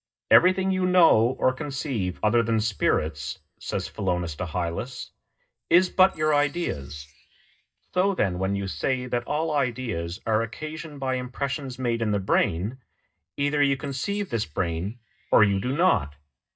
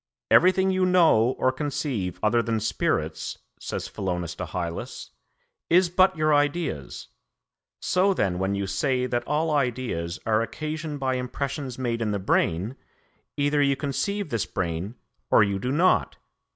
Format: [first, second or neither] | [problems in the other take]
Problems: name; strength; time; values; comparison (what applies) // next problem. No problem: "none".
second | noise reduction (neural mask model DeepFilterNet 3)